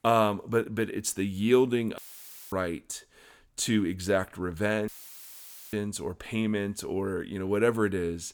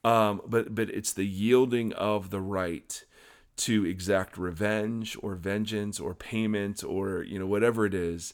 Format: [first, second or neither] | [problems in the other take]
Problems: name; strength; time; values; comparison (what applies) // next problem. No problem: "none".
second | audio cutting out; filled with static; at 2 s for 0.5 s and at 5 s for 1 s